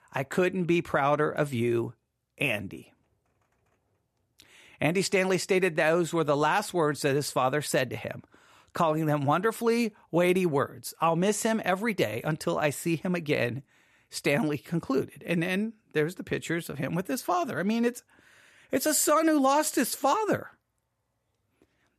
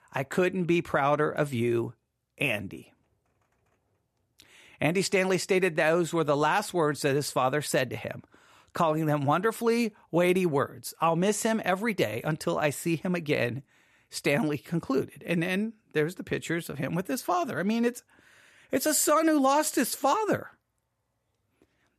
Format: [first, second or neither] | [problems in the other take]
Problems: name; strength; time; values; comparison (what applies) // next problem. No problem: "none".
neither | none